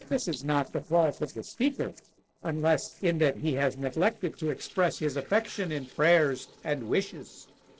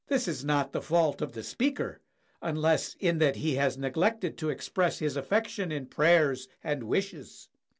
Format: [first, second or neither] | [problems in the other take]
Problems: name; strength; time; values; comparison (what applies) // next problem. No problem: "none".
second | noise reduction (neural separator model SepFormer DNS4)